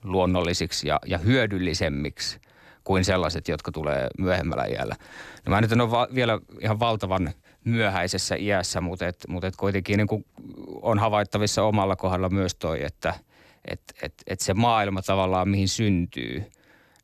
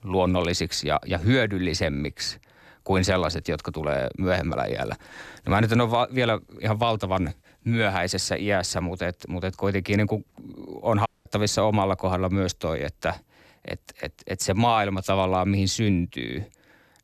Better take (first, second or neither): first